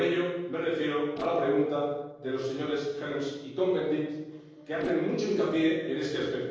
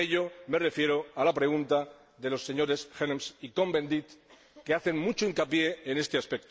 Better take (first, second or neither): second